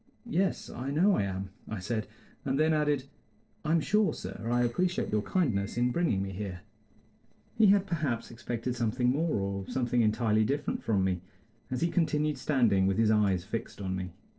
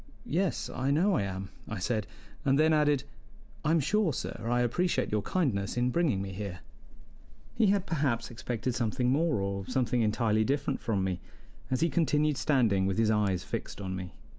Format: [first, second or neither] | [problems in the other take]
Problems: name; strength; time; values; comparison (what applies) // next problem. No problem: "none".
second | noise reduction (neural separator model SepFormer DNS4)